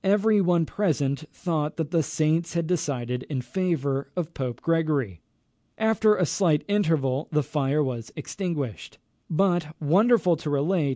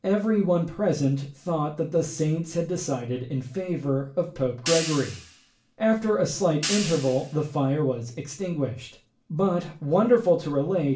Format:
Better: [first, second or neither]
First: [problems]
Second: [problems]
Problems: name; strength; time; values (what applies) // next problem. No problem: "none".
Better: first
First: none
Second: background sound (Hi-hat); 10 dB below the speech // room echo; dies away in 0.3 s